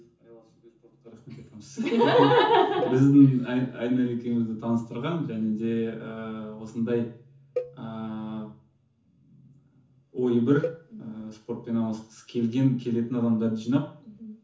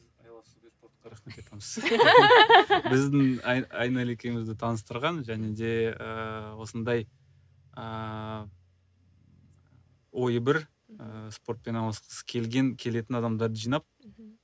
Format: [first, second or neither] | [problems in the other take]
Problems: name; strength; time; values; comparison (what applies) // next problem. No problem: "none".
second | background sound (Cowbell); 14 dB below the speech // room echo; dies away in 0.9 s